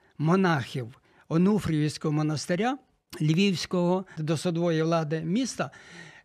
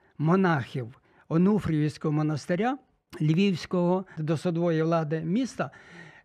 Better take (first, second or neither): first